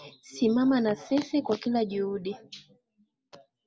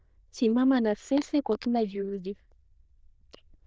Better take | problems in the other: first | noise reduction (neural diffusion model UNIVERSE++)

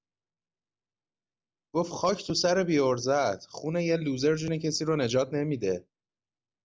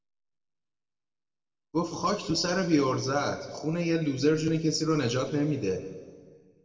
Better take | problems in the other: first | room echo; dies away in 1.4 s

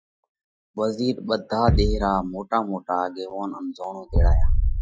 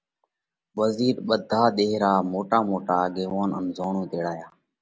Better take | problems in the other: second | noise reduction (classical method Wiener filter)

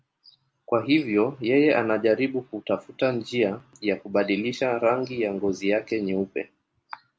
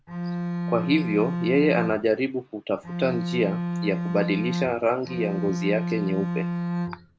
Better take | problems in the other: first | background sound (Bowed string instrument); 2 dB below the speech

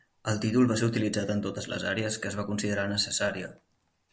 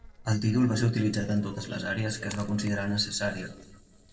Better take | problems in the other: first | noise reduction (neural separator model SepFormer DNS4)

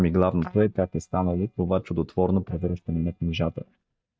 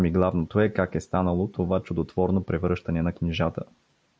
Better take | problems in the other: second | noise reduction (neural mask model DeepFilterNet 3)

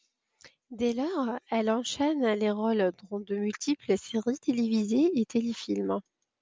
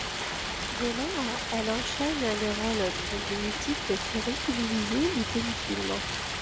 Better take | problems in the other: first | background sound (Stream); 1 dB below the speech

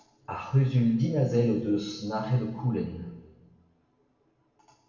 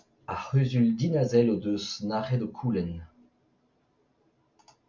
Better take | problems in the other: second | room echo; dies away in 1.2 s

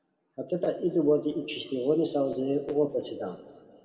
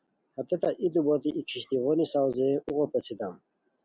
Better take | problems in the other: second | room echo; dies away in 1.6 s

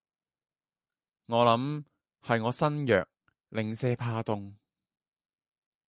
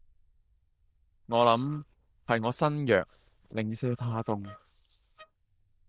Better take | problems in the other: first | noise reduction (neural diffusion model UNIVERSE++)

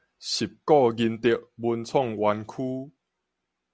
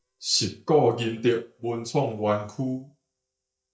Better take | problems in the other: first | noise reduction (neural mask model DeepFilterNet 3)

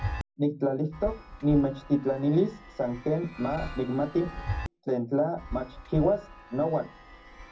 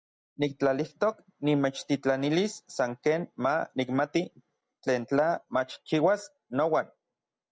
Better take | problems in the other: second | background sound (Chime); 11 dB below the speech // room echo; dies away in 0.4 s

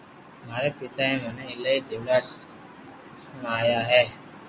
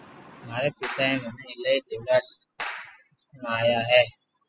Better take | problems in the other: first | noise reduction (classical method spectral subtraction)

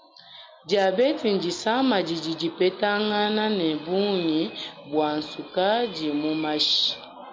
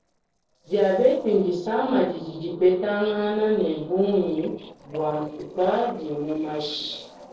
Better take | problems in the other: first | noise reduction (neural separator model SepFormer DNS4)

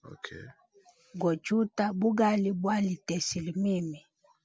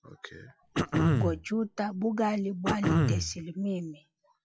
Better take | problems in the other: first | noise reduction (classical method log-MMSE)

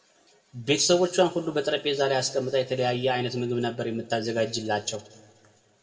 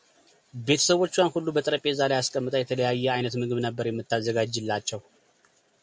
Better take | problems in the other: second | room echo; dies away in 1.1 s

